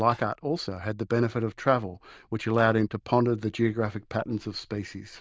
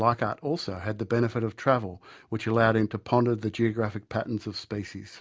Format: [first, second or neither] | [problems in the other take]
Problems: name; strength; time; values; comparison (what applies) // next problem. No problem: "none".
second | noise reduction (neural diffusion model UNIVERSE++)